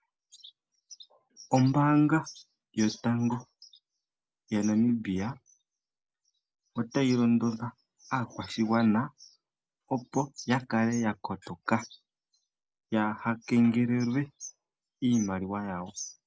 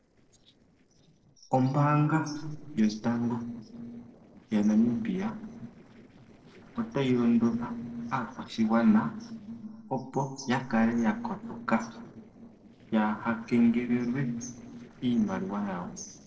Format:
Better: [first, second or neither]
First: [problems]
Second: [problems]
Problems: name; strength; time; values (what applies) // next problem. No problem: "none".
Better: first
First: none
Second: noise reduction (neural separator model SepFormer DNS4)